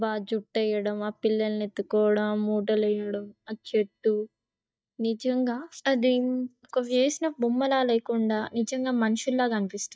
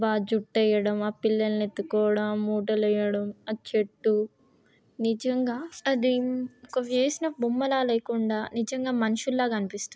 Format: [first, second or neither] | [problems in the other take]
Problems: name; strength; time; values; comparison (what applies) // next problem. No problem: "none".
second | noise reduction (neural mask model DeepFilterNet 3)